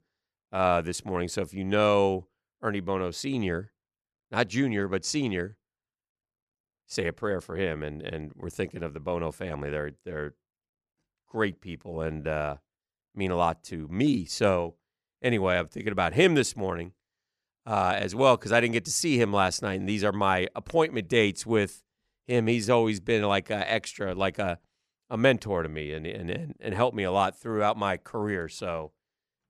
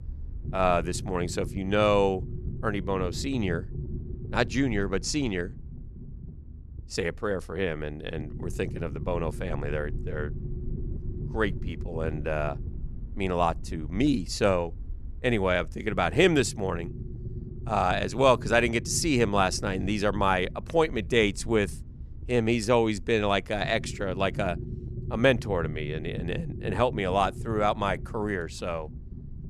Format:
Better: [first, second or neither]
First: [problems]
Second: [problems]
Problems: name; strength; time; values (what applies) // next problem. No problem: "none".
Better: first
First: none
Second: low rumble; faint; throughout; 20 dB below the speech